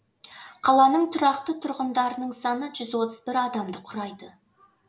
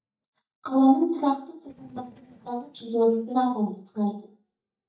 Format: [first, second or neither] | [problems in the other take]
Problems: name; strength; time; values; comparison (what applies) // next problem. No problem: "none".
first | noise reduction (neural mask model DeepFilterNet 3)